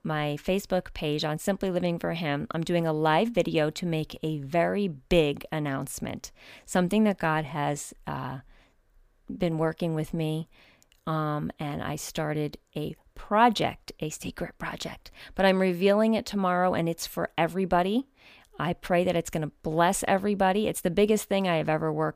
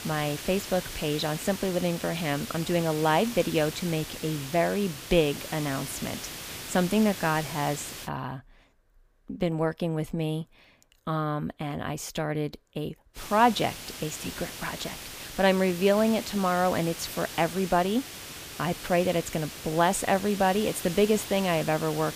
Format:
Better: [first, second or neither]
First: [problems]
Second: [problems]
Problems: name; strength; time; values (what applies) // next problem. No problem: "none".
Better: first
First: none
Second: hiss; noticeable; until 8 s and from 13 s on; 10 dB below the speech